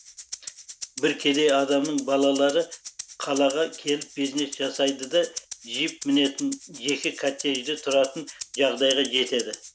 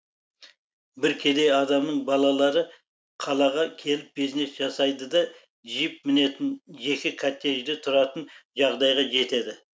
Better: second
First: background sound (Rattle (instrument)); 14 dB below the speech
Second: none

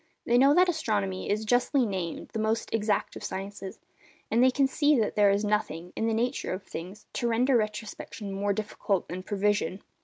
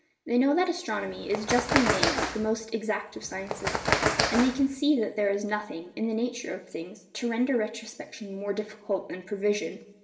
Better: first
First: none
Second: background sound (Bird); 1 dB below the speech // room echo; dies away in 0.9 s

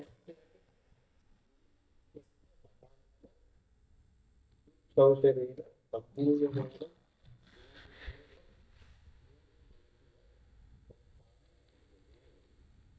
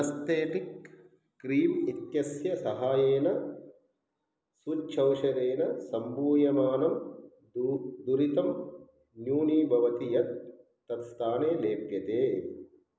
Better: second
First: noise reduction (neural mask model DeepFilterNet 3)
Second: none

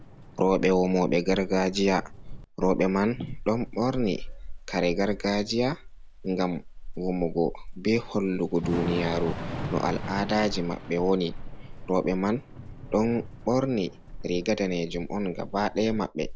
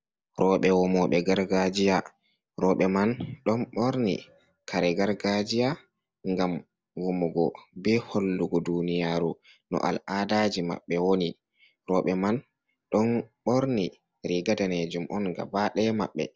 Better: second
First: background sound (Thunder / Rain); 10 dB below the speech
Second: none

